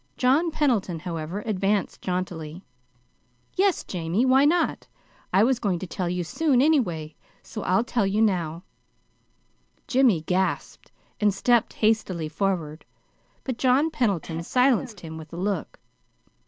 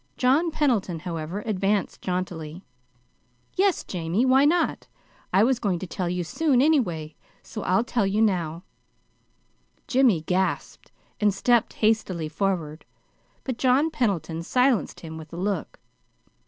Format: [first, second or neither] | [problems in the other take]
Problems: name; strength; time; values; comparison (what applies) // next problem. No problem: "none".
second | background sound (Cough); 17 dB below the speech